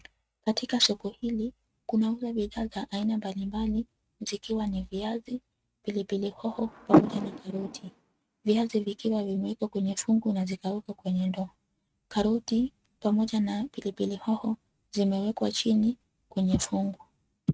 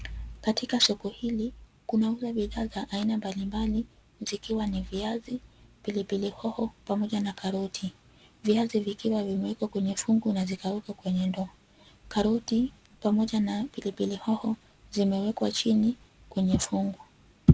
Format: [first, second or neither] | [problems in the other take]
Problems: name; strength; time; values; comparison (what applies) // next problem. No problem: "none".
second | noise reduction (neural mask model RNNoise)